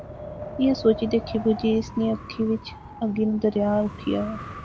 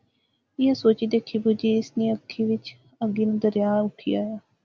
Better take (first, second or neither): second